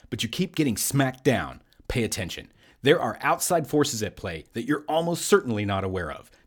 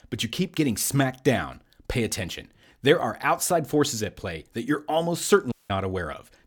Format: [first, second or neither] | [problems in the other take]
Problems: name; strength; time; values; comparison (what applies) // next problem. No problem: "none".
first | audio cutting out; at 5.5 s